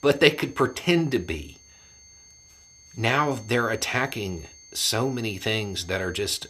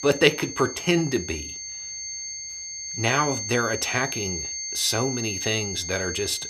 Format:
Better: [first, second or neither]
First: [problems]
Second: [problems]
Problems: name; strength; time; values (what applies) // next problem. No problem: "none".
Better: first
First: high-pitched whine; faint; throughout; 6.5 kHz, 25 dB below the speech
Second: high-pitched whine; loud; throughout; 6.5 kHz, 5 dB below the speech